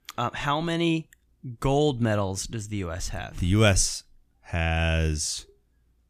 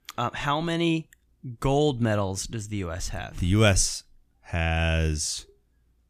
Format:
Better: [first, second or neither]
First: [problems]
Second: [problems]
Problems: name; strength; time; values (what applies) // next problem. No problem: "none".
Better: neither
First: none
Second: none